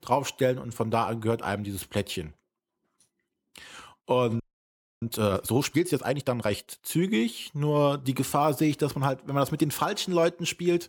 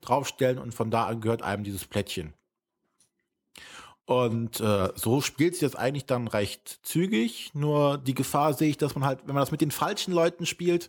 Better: second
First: audio freezing; at 4.5 s for 0.5 s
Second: none

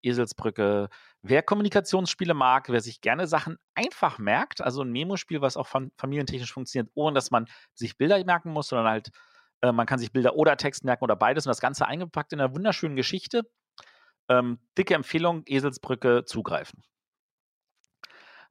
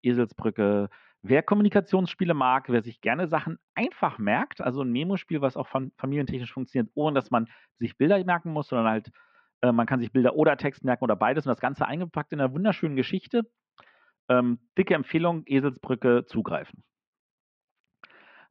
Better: first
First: none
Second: muffled; very; fading above 3 kHz

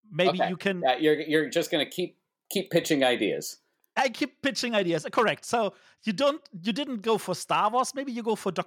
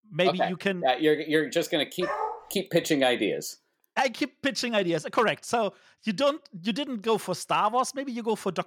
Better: first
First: none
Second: dog barking; noticeable; at 2 s; peak 4 dB below the speech

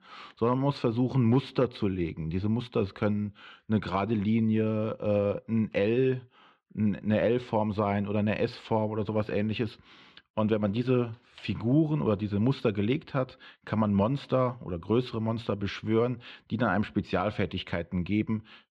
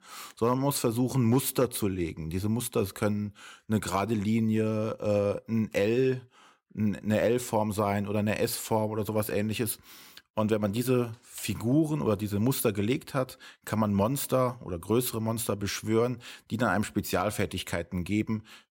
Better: second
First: muffled; slightly; fading above 3.5 kHz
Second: none

